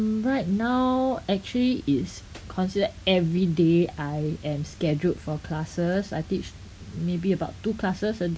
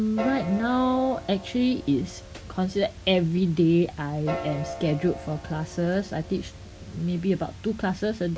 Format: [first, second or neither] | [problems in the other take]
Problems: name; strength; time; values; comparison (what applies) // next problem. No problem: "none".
first | background sound (Piano); 13 dB below the speech